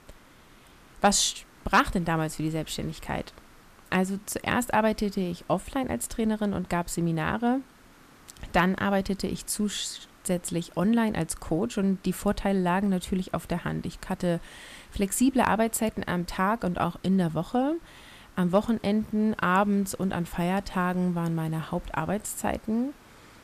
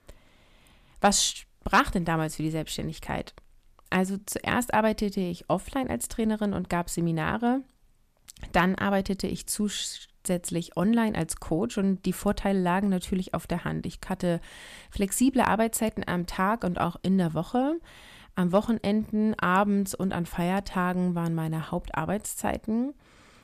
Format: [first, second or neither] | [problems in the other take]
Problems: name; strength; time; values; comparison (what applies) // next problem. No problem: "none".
second | hiss; faint; throughout; 25 dB below the speech